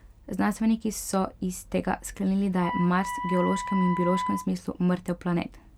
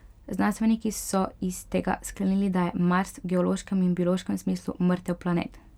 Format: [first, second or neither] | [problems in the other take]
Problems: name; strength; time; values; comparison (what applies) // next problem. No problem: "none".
second | background sound (Wind instrument, woodwind instrument); 7 dB below the speech